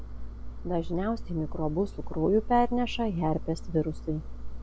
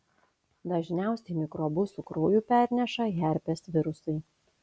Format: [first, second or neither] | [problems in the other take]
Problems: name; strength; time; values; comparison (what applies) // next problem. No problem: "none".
second | background sound (Engine); 5 dB below the speech